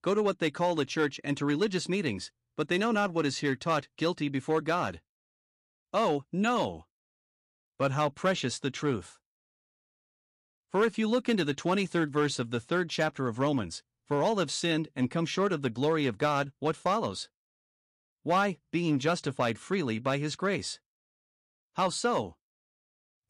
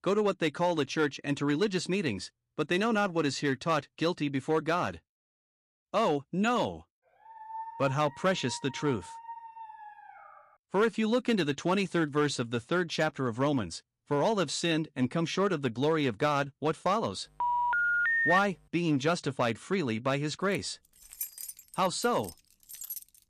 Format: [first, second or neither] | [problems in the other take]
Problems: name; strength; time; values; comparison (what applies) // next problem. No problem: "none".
first | dog barking; faint; from 7.5 to 10 s; peak 10 dB below the speech // phone ringing; loud; at 17 s; peak 4 dB above the speech // jangling keys; noticeable; from 21 s on; peak 7 dB below the speech